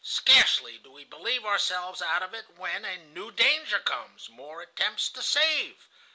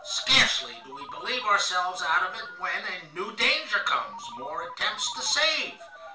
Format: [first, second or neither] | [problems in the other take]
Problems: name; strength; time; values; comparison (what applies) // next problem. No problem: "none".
first | background sound (Ringtone); 15 dB below the speech // room echo; dies away in 0.3 s